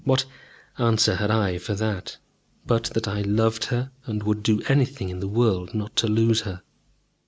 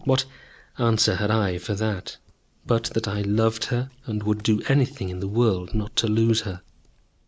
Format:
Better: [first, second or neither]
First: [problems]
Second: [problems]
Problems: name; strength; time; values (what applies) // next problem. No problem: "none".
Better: first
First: none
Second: noise reduction (neural mask model Resemble Enhance denoiser)